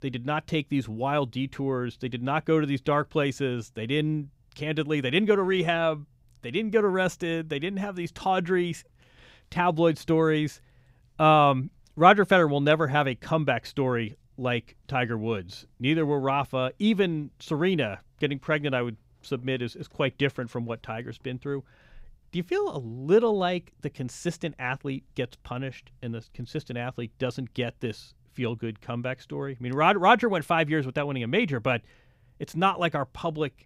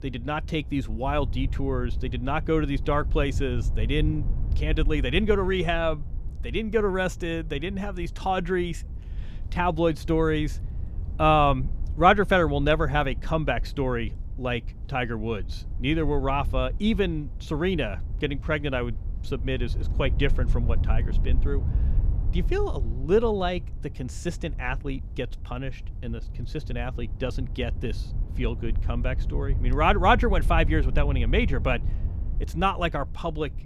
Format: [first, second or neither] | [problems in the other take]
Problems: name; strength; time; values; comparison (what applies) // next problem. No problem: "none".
first | wind noise on the microphone; occasional gusts; 20 dB below the speech